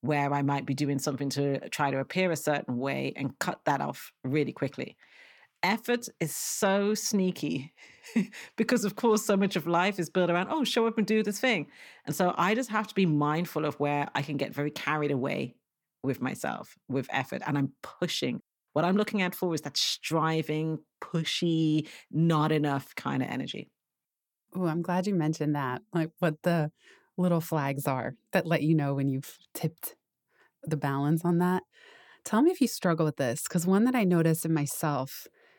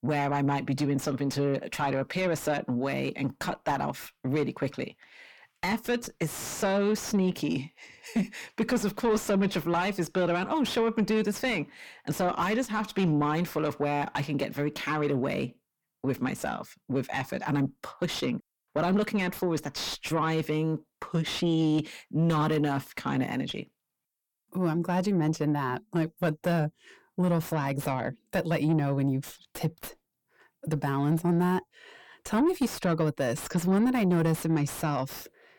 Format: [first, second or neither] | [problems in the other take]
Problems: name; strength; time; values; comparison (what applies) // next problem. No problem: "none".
first | distortion; slight; 10 dB below the speech